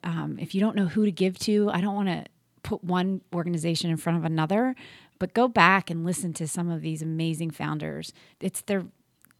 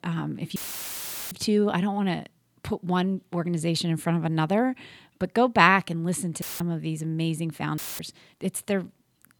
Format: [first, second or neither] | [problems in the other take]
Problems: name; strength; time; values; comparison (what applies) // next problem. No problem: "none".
first | audio cutting out; filled with static; at 0.5 s for 1 s, at 6.5 s and at 8 s